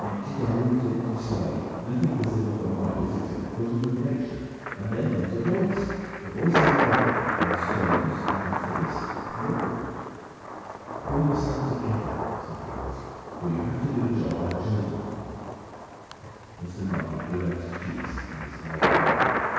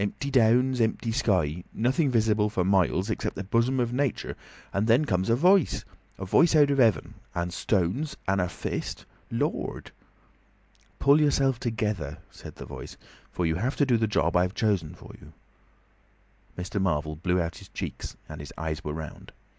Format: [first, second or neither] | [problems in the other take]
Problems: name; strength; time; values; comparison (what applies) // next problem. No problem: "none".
second | background sound (Thunder); 2 dB below the speech // room echo; dies away in 2 s